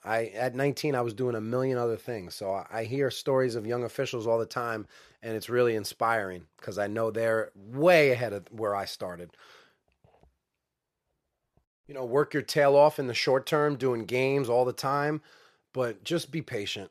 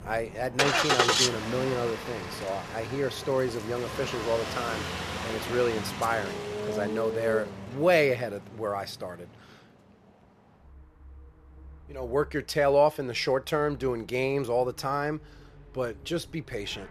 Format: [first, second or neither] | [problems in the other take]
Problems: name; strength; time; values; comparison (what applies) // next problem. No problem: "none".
first | traffic noise; loud; throughout; 1 dB below the speech